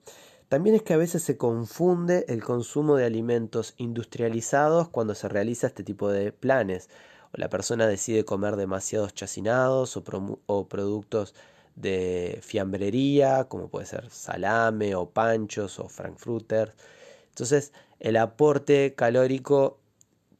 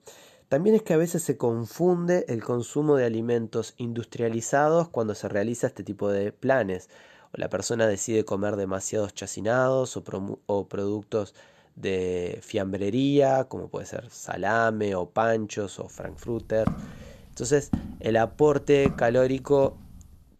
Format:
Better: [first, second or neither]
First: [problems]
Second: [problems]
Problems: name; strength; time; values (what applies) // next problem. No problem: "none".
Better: first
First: none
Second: footsteps; noticeable; from 17 to 20 s; peak 6 dB below the speech